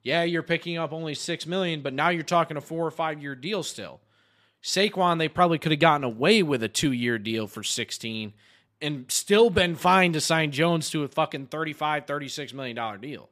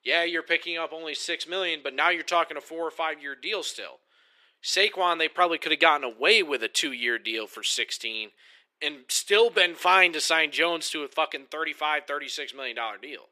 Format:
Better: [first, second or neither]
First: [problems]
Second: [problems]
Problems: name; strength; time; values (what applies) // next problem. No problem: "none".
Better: first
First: none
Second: thin; very; fading below 350 Hz